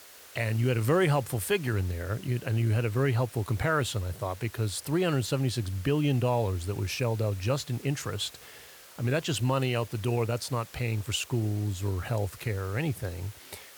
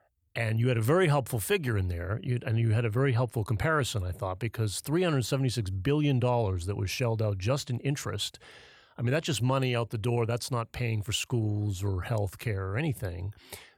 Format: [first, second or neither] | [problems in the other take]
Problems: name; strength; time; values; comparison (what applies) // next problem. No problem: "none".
second | hiss; noticeable; throughout; 20 dB below the speech